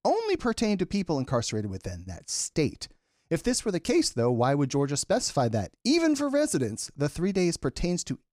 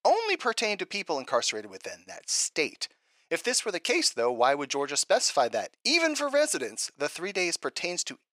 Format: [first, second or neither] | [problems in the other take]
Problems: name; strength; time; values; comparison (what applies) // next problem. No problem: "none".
first | thin; very; fading below 600 Hz